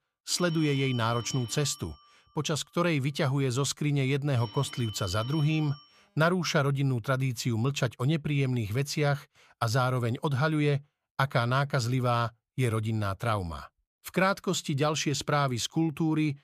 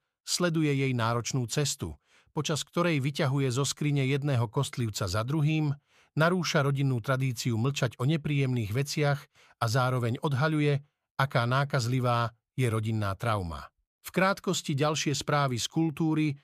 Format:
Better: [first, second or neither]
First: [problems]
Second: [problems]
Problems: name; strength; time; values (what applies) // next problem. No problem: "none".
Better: second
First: alarms or sirens; noticeable; until 6 s; 15 dB below the speech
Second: none